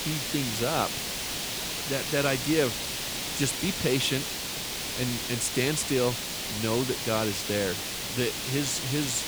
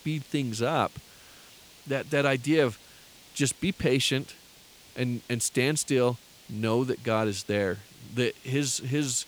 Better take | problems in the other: second | hiss; loud; throughout; 1 dB below the speech; faint in the second

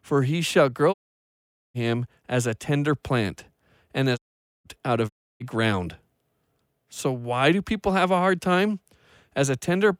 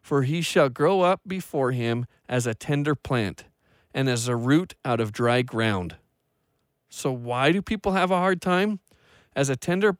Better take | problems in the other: second | audio cutting out; at 1 s for 1 s, at 4 s and at 5 s

